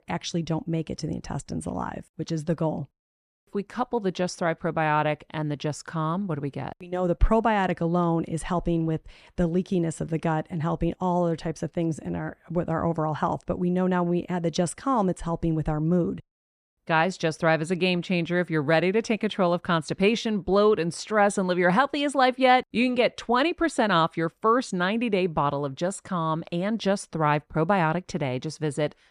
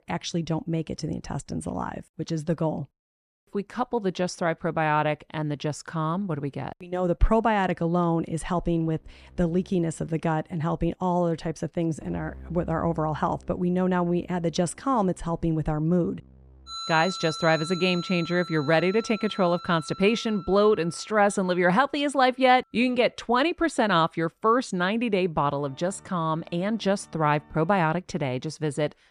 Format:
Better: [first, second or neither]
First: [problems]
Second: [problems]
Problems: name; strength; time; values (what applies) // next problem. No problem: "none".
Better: first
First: none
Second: background music; noticeable; from 9.5 s on; 15 dB below the speech